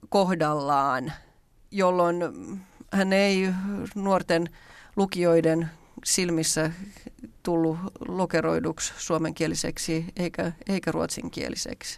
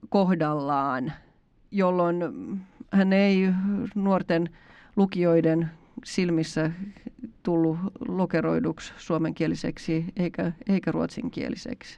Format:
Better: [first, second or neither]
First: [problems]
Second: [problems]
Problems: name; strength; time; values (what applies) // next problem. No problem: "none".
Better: first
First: none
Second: muffled; slightly; fading above 3 kHz